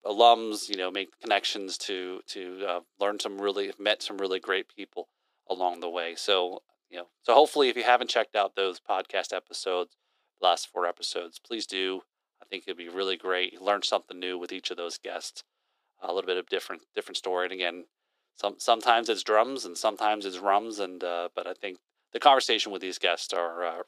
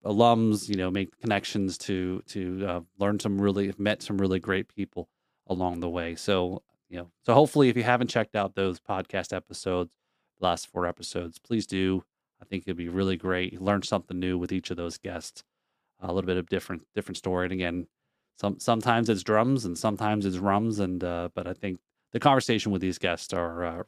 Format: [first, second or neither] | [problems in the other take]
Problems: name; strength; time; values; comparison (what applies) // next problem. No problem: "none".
second | thin; very; fading below 400 Hz